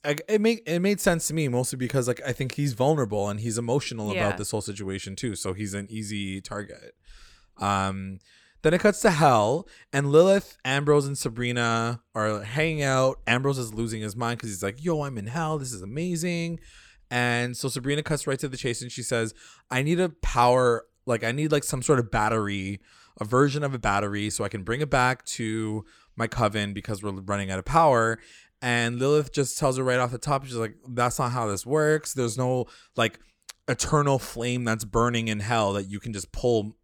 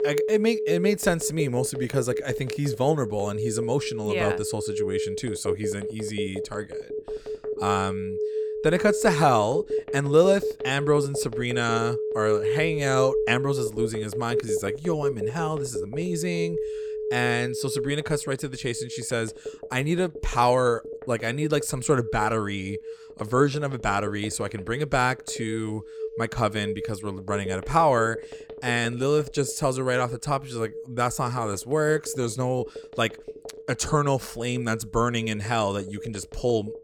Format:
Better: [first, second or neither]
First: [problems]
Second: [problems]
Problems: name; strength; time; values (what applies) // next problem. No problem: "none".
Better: first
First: none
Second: alarms or sirens; loud; throughout; 6 dB below the speech